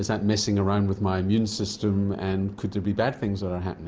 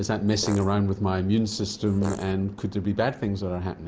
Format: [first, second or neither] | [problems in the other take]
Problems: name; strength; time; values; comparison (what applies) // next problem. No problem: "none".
first | background sound (Fart); 12 dB below the speech